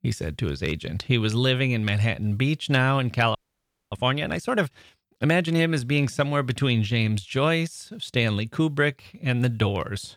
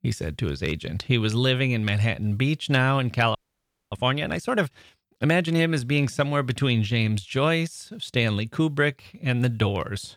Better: neither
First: audio freezing; at 3.5 s for 0.5 s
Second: audio freezing; at 3.5 s for 0.5 s

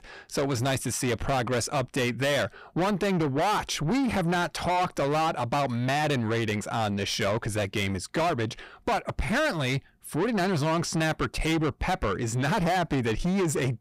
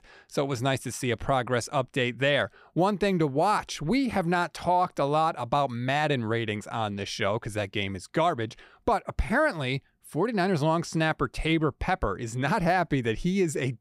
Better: second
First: distortion; heavy; 7 dB below the speech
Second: none

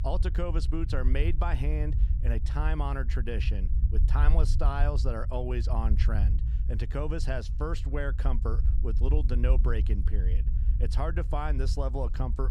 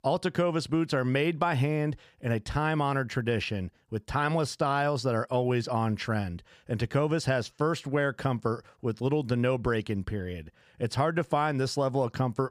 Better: second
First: low rumble; noticeable; throughout; 10 dB below the speech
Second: none

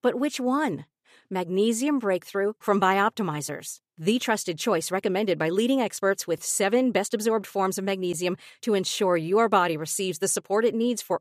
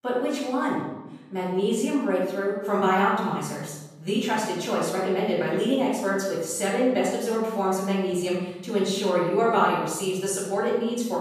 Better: first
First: none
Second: off-mic speech; far // room echo; noticeable; dies away in 0.9 s

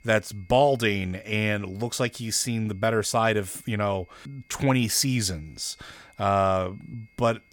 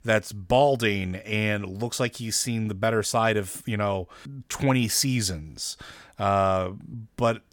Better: second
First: high-pitched whine; faint; throughout; 2 kHz, 30 dB below the speech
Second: none

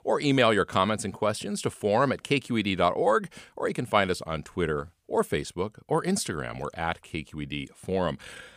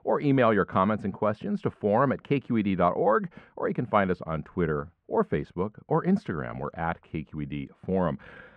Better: first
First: none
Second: muffled; very; fading above 1.5 kHz

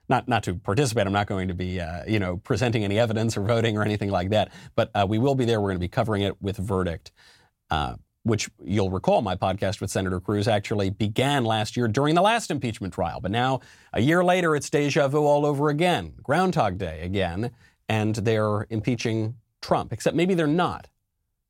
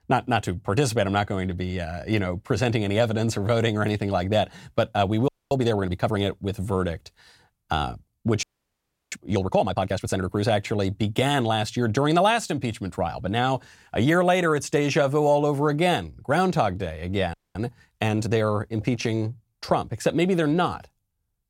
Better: first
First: none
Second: audio freezing; at 5.5 s, at 8.5 s for 0.5 s and at 17 s

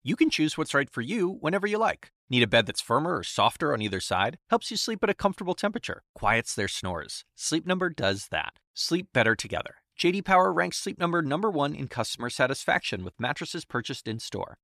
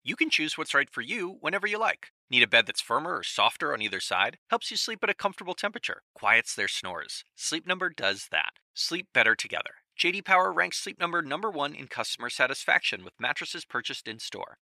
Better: first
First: none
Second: thin; somewhat; fading below 550 Hz

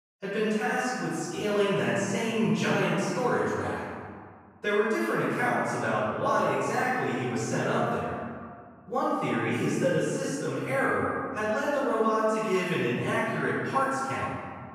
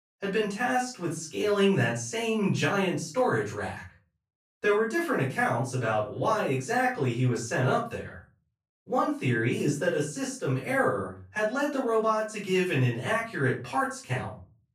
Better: second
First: room echo; strong; dies away in 1.9 s // off-mic speech; far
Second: room echo; slight; dies away in 0.3 s // off-mic speech; far

